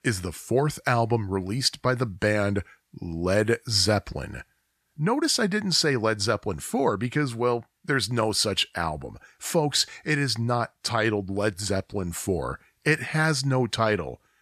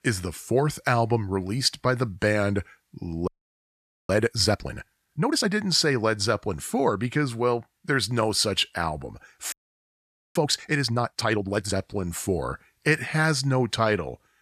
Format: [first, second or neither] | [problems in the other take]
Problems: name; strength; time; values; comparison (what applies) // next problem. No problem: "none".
first | audio freezing; at 3.5 s for 1 s and at 9.5 s for 1 s